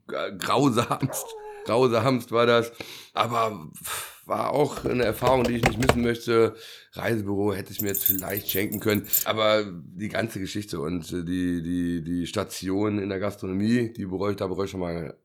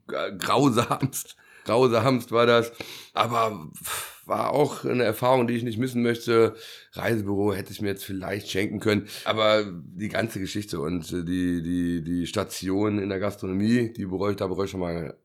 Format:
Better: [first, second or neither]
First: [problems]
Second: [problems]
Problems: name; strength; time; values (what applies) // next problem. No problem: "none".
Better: second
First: dog barking; faint; at 1 s; peak 10 dB below the speech // keyboard typing; loud; from 5 to 6 s; peak 3 dB above the speech // jangling keys; loud; from 8 to 9 s; peak 3 dB above the speech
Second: none